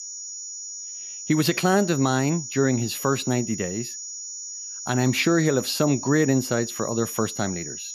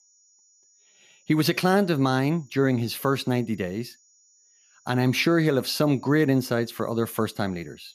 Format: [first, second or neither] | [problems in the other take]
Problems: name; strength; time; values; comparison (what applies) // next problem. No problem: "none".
second | high-pitched whine; loud; throughout; 7 kHz, 9 dB below the speech; faint in the second